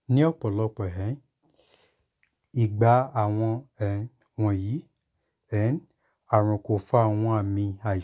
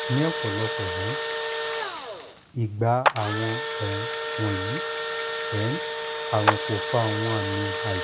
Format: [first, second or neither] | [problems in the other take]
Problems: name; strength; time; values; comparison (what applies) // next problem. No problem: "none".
first | background sound (Engine / Drill + Clapping); as loud as the speech